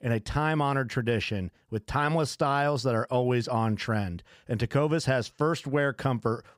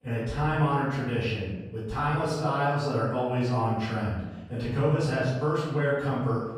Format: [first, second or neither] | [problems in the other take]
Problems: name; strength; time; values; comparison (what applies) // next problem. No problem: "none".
first | off-mic speech; far // room echo; strong; dies away in 1 s